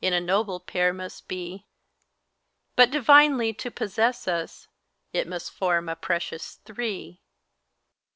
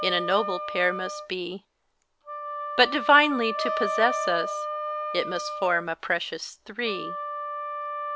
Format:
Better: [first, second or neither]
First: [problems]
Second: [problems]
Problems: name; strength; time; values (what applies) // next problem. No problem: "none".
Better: first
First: none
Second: background sound (Wind instrument, woodwind instrument + Wind instrument, woodwind instrument); 5 dB below the speech